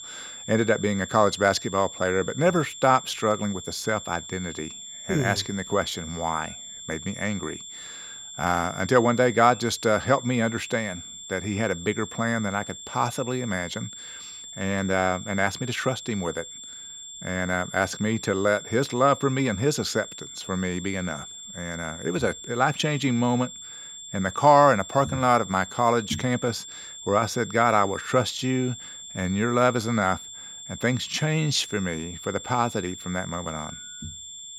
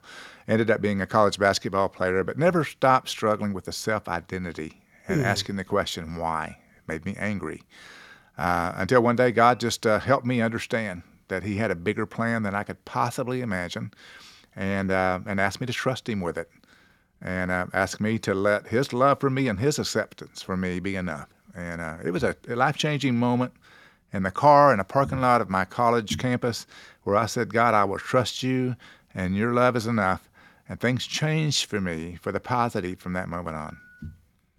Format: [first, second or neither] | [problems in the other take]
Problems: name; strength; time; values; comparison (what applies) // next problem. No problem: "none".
second | high-pitched whine; noticeable; throughout; 7.5 kHz, 15 dB below the speech